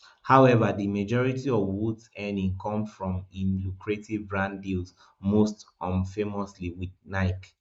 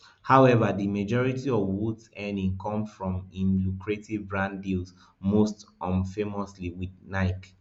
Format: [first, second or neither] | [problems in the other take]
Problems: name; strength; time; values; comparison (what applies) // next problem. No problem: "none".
second | noise reduction (neural mask model Resemble Enhance denoiser)